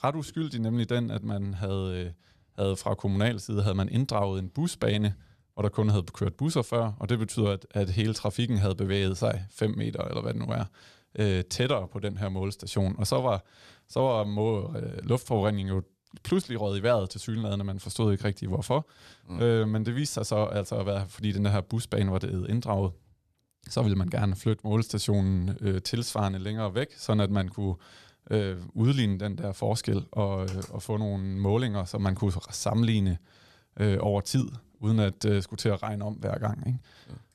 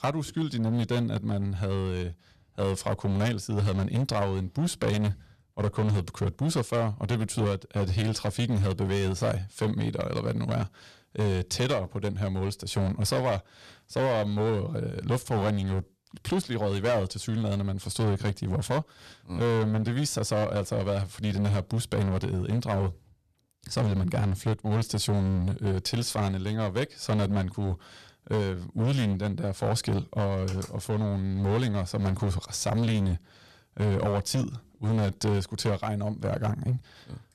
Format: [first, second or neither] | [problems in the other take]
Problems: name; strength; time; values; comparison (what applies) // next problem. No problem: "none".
first | distortion; slight; 12% of the sound clipped